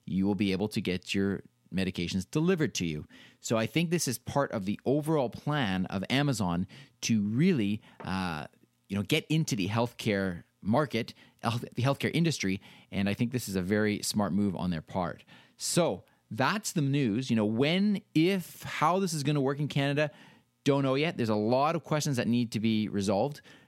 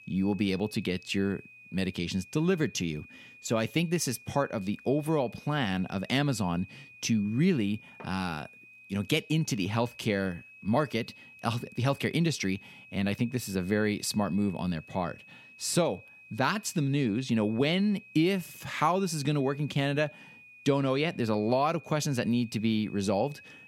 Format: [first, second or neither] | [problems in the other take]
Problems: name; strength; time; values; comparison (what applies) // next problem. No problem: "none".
first | high-pitched whine; faint; throughout; 2.5 kHz, 20 dB below the speech